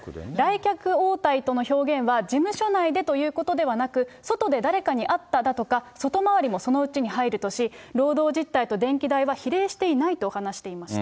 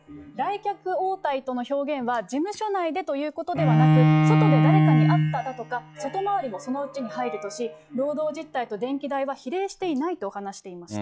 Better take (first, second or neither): first